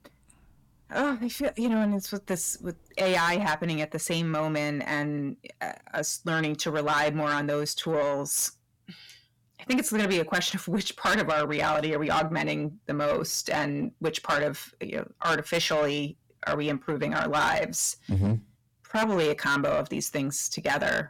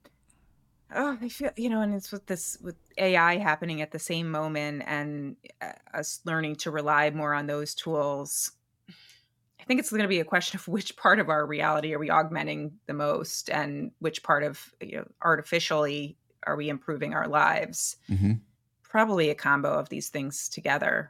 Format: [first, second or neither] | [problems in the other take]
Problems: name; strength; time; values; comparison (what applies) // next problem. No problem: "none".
second | distortion; heavy; 7 dB below the speech